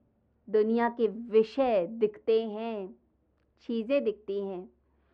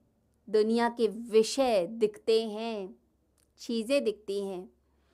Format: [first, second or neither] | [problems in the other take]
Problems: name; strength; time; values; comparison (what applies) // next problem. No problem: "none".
second | muffled; very; fading above 2.5 kHz